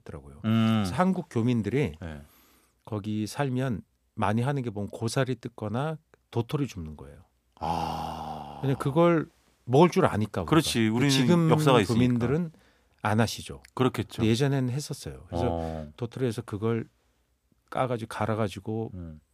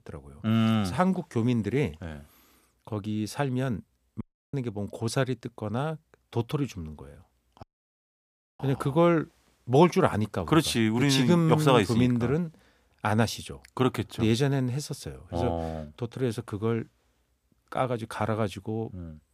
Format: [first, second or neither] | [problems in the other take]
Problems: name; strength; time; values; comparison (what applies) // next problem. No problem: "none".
first | audio cutting out; at 4 s and at 7.5 s for 1 s